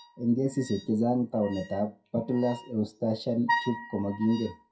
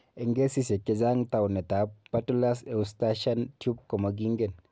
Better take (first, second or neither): second